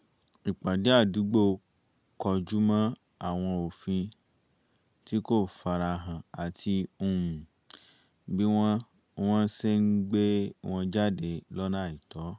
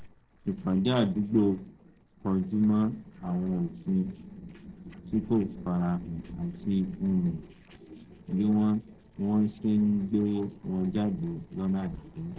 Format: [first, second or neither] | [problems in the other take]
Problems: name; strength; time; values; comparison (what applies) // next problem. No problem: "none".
first | noise reduction (neural separator model SepFormer DNS4)